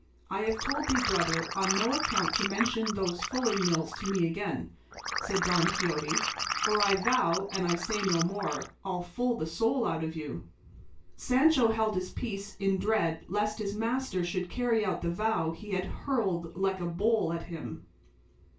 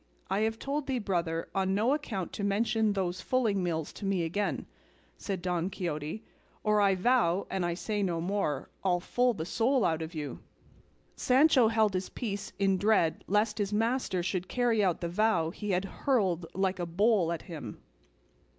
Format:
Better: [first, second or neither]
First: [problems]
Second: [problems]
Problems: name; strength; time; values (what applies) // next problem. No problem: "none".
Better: second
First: background sound (Liquid); 3 dB below the speech // room echo; dies away in 0.2 s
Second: none